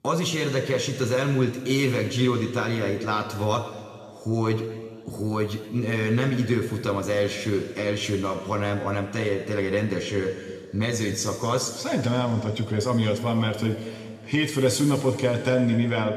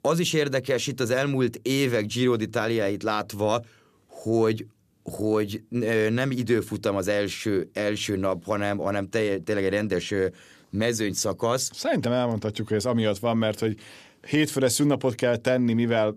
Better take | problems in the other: second | room echo; noticeable; dies away in 1.8 s // off-mic speech; somewhat distant

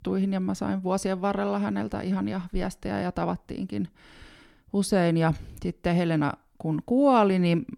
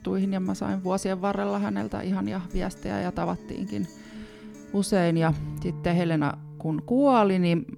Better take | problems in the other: first | background music; noticeable; throughout; 15 dB below the speech

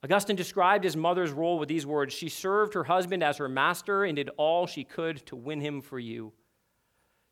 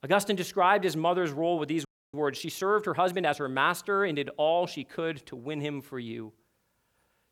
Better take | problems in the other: first | audio freezing; at 2 s

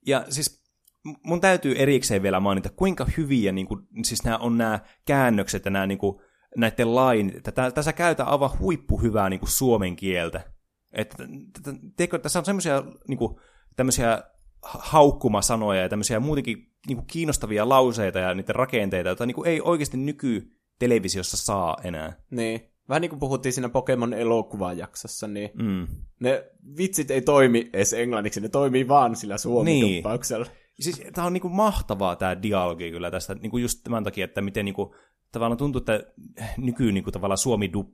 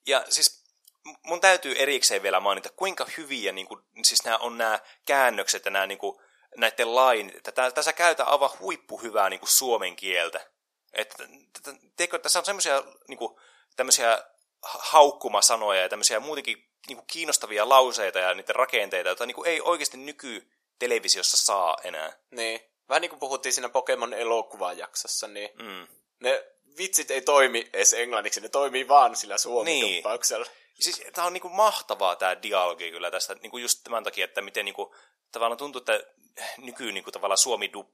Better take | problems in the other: first | thin; very; fading below 550 Hz

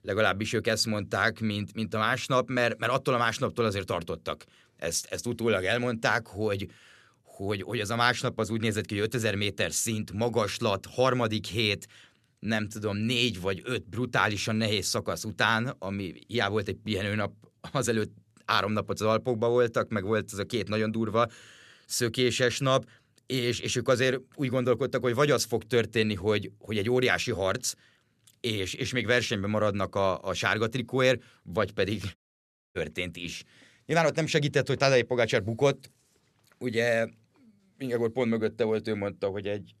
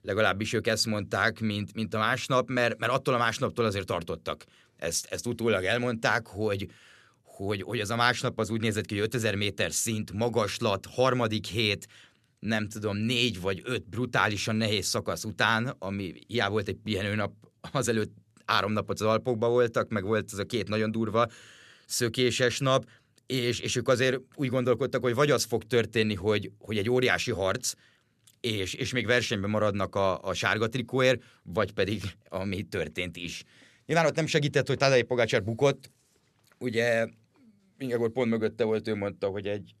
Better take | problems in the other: second | audio cutting out; at 32 s for 0.5 s

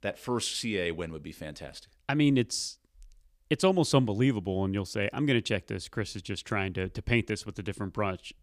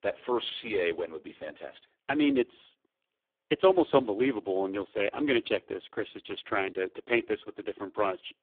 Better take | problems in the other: first | phone-call audio; poor line

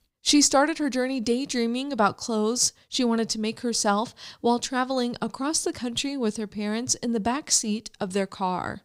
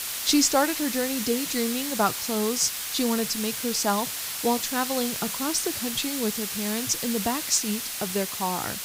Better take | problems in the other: first | hiss; loud; throughout; 3 dB below the speech

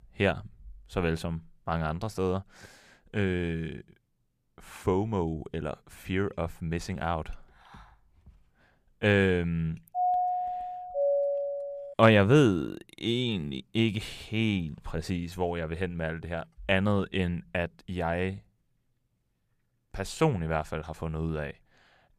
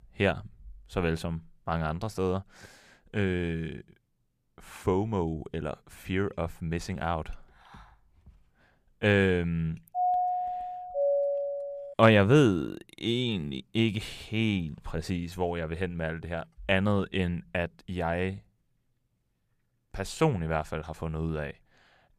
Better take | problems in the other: neither | doorbell; loud; from 10 to 12 s; peak 2 dB above the speech; the same in both

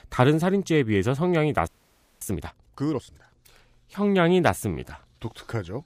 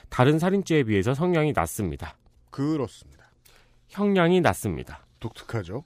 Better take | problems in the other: second | audio freezing; at 1.5 s for 0.5 s

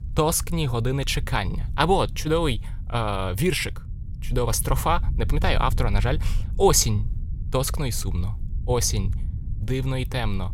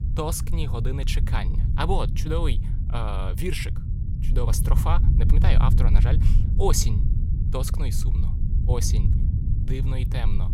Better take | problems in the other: first | low rumble; loud; throughout; 8 dB below the speech; faint in the first

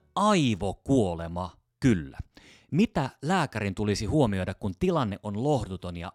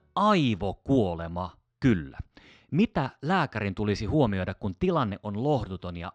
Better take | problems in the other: first | muffled; very slightly; fading above 4.5 kHz

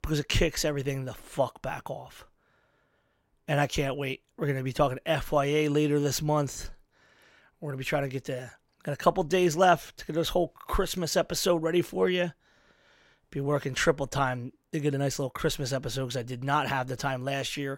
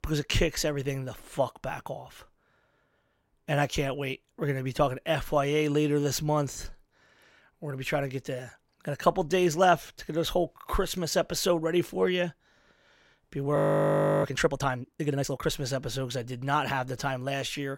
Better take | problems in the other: first | audio freezing; at 14 s for 0.5 s

